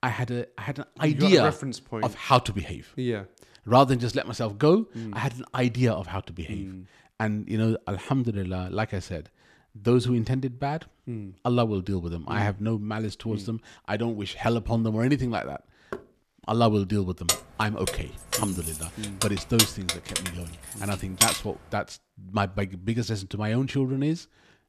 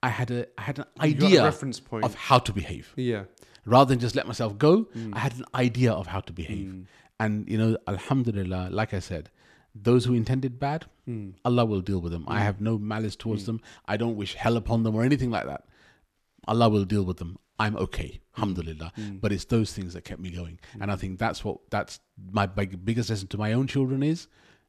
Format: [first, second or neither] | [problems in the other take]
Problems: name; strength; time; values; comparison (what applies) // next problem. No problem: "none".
second | door banging; faint; at 16 s; peak 15 dB below the speech // jangling keys; loud; from 17 to 21 s; peak 5 dB above the speech